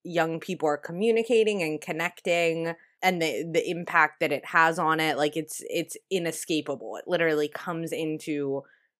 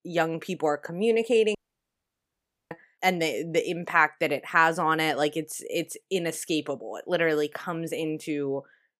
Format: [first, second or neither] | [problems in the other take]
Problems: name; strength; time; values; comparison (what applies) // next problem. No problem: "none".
first | audio cutting out; at 1.5 s for 1 s